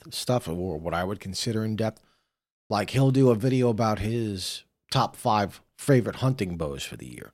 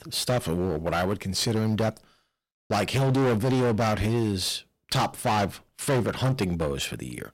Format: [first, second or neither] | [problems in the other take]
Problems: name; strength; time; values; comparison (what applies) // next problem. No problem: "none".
first | distortion; heavy; 18% of the sound clipped